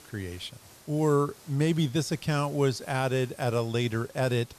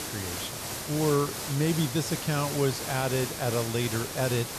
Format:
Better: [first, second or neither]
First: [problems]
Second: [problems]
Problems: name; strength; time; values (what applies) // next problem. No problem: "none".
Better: first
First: hiss; faint; throughout; 25 dB below the speech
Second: hiss; loud; throughout; 5 dB below the speech